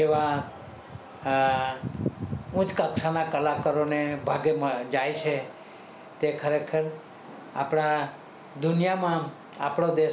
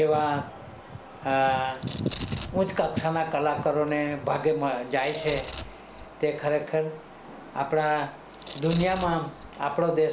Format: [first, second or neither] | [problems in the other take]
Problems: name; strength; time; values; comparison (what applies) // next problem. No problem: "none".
first | background sound (Domestic sounds, home sounds); 18 dB below the speech